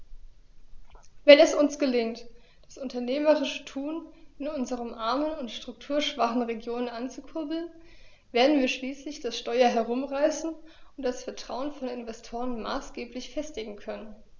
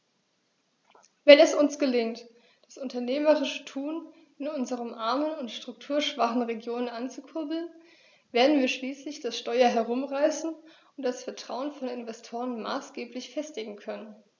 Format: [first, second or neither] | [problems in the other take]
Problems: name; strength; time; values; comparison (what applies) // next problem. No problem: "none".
second | background sound (Squeak / Walk, footsteps); 17 dB below the speech